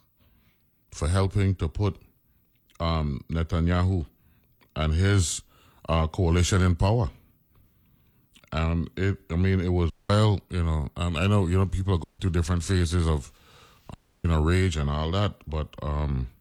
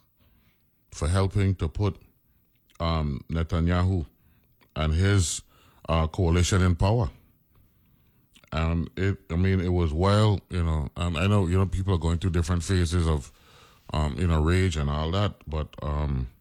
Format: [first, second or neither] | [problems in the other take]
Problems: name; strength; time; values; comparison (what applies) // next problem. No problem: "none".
second | audio cutting out; at 10 s, at 12 s and at 14 s